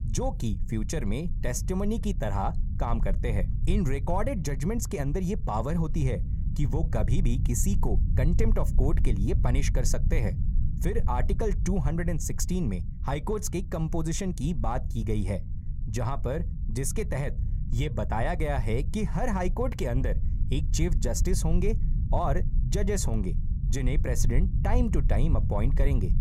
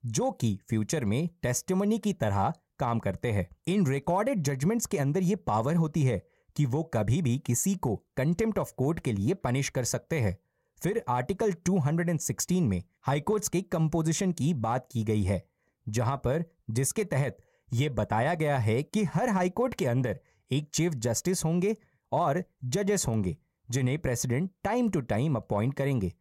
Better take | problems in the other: second | low rumble; noticeable; throughout; 15 dB below the speech

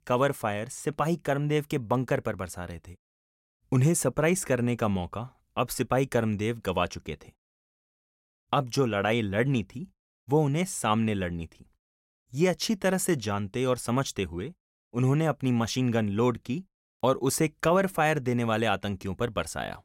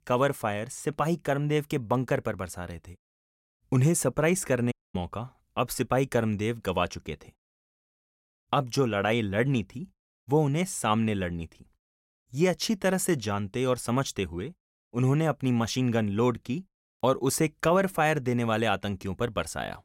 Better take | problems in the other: first | audio cutting out; at 4.5 s

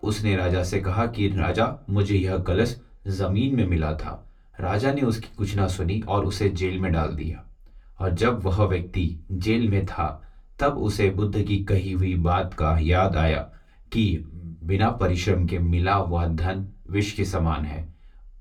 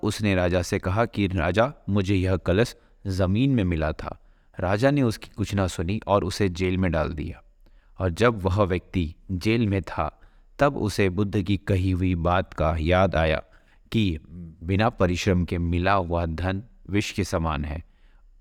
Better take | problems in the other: second | off-mic speech; somewhat distant // room echo; very slight; dies away in 0.2 s

